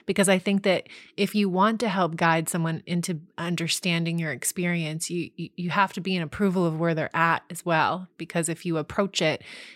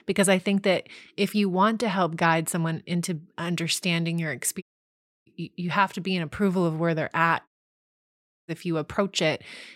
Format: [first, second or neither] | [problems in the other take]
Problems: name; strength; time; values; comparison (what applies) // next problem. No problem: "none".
first | audio cutting out; at 4.5 s for 0.5 s and at 7.5 s for 1 s